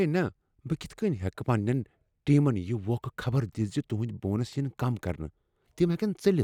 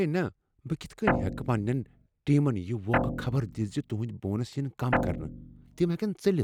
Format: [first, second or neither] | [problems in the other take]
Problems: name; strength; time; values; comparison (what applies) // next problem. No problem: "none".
first | background sound (Guitar); 2 dB below the speech